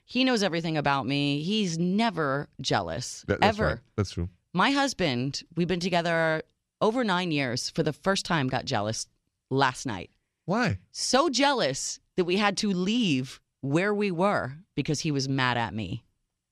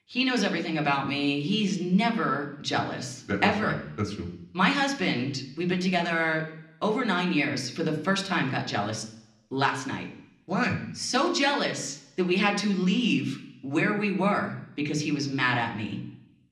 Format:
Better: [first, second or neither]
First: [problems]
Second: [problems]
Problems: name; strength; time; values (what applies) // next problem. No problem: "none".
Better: first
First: none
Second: room echo; slight; dies away in 0.7 s